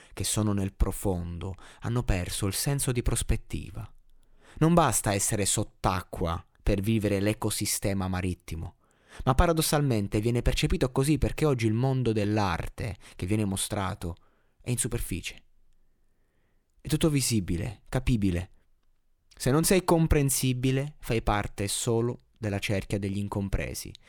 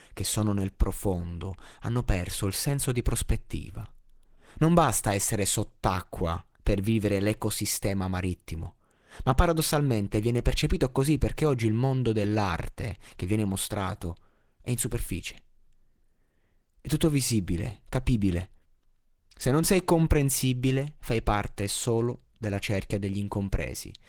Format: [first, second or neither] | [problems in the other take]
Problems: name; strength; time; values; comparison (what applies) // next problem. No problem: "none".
first | garbled, watery; slightly; nothing above 18 kHz